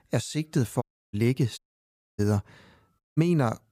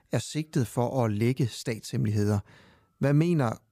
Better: second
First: audio cutting out; at 1 s, at 1.5 s for 0.5 s and at 3 s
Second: none

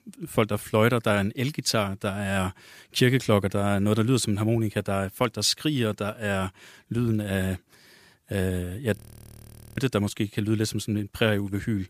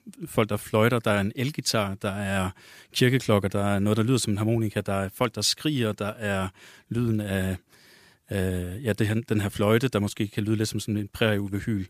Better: second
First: audio freezing; at 9 s for 1 s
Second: none

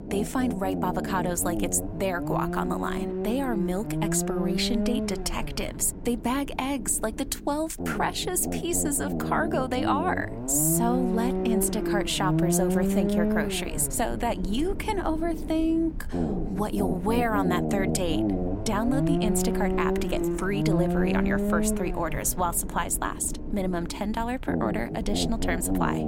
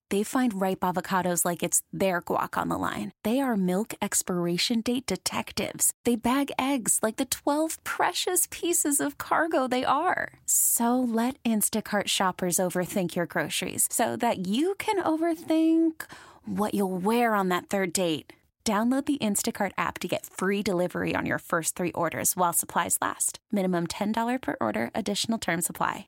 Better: second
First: low rumble; loud; throughout; 4 dB below the speech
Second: none

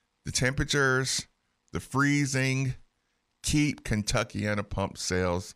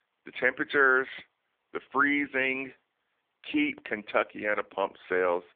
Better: first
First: none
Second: phone-call audio; poor line

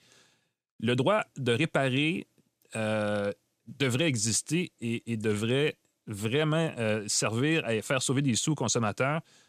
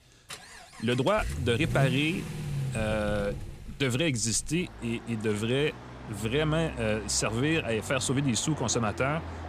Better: first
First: none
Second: traffic noise; loud; throughout; 10 dB below the speech

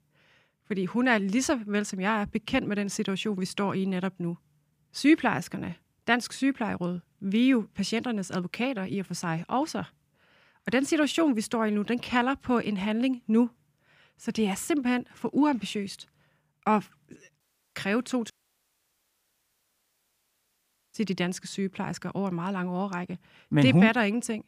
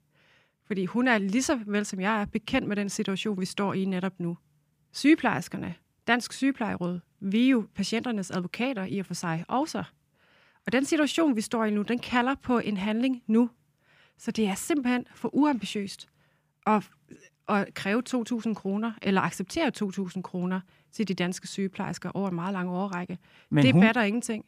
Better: second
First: audio cutting out; at 17 s and at 18 s for 2.5 s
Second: none

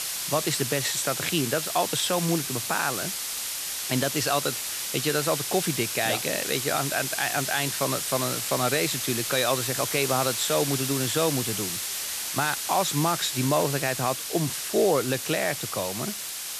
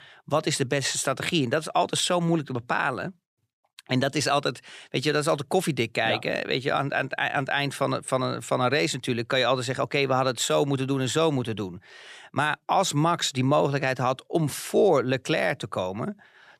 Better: second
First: hiss; loud; throughout; 2 dB below the speech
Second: none

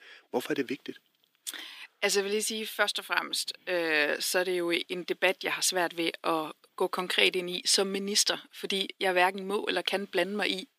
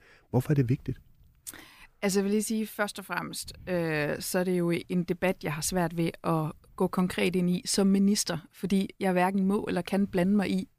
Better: second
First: thin; very; fading below 300 Hz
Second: none

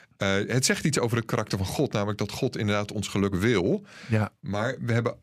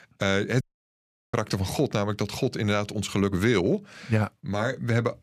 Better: first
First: none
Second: audio cutting out; at 0.5 s for 0.5 s

